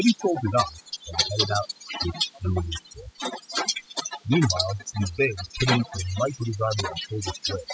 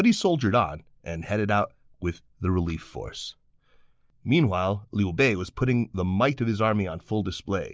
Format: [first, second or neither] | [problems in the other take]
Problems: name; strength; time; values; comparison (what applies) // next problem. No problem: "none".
second | noise reduction (classical method spectral subtraction)